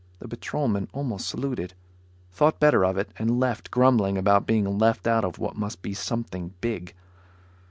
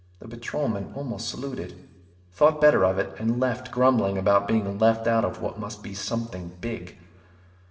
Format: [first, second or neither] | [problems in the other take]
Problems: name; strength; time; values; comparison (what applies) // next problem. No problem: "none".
first | room echo; dies away in 1 s